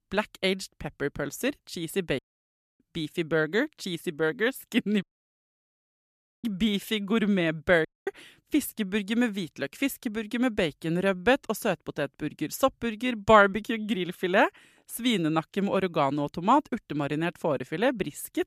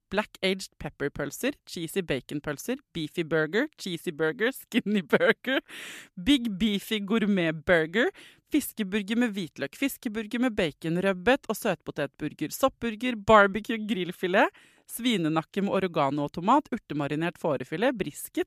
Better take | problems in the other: second | audio cutting out; at 2 s for 0.5 s, at 5 s for 1.5 s and at 8 s

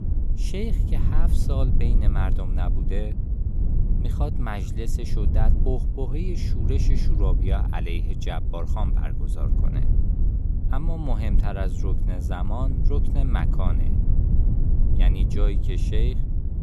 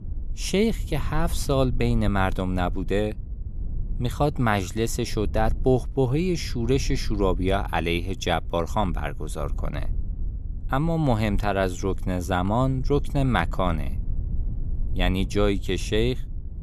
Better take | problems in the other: second | low rumble; loud; throughout; 4 dB below the speech; faint in the second

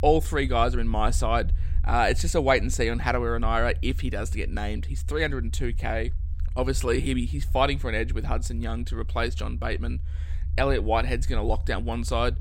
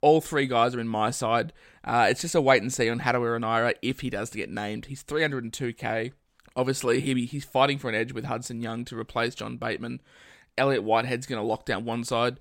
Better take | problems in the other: second | low rumble; faint; throughout; 25 dB below the speech

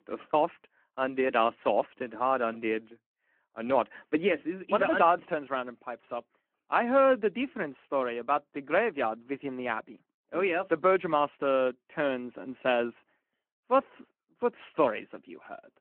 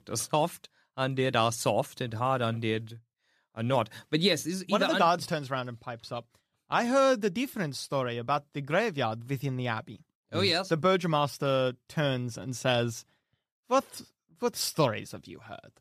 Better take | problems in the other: second | phone-call audio

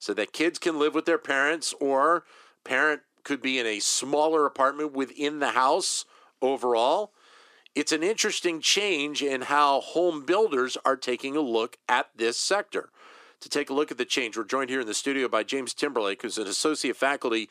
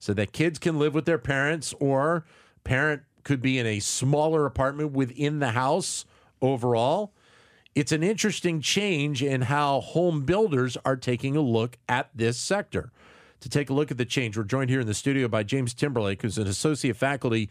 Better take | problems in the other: second | thin; somewhat; fading below 300 Hz

